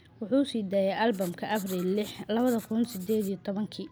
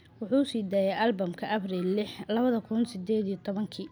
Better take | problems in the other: second | background sound (Writing); 20 dB below the speech

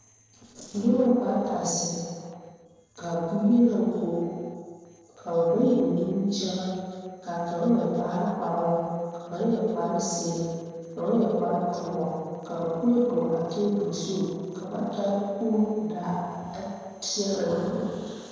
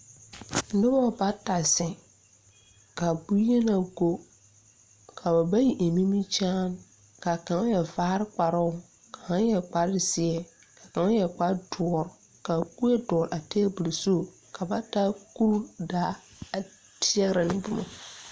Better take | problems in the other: second | noise reduction (neural separator model SepFormer DNS4)

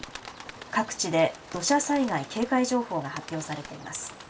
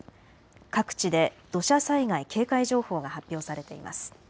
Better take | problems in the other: second | background sound (Bird); 15 dB below the speech // room echo; dies away in 0.2 s

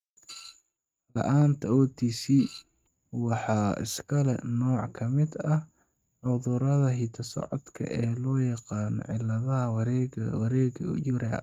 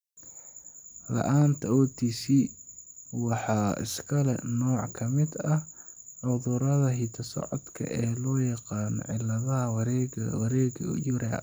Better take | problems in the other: second | noise reduction (neural mask model RNNoise)

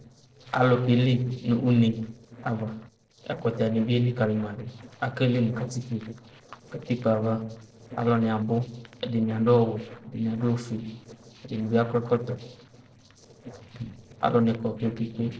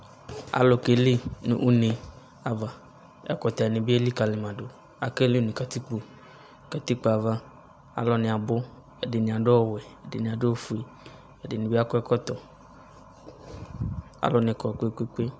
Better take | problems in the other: second | noise reduction (neural separator model SepFormer DNS4)

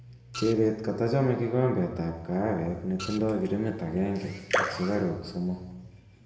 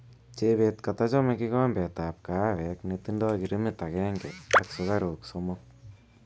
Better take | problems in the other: second | background sound (Printer); 12 dB below the speech // room echo; dies away in 1 s

